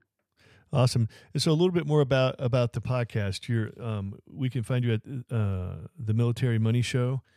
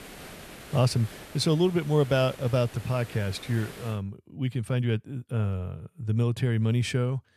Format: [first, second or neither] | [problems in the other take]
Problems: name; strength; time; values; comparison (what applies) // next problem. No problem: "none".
first | hiss; noticeable; until 4 s; 15 dB below the speech